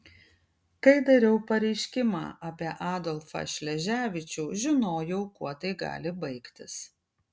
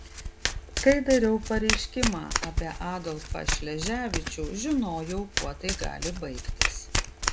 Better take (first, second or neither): first